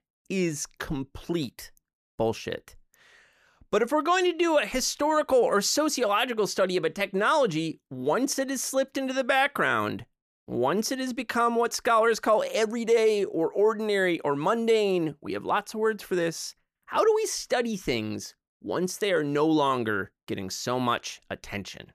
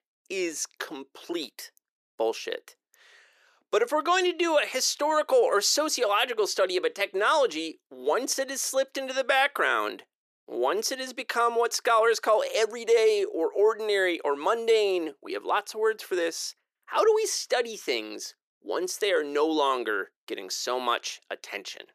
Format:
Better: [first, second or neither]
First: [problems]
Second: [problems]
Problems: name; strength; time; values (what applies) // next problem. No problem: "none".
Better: first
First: none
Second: thin; somewhat; fading below 400 Hz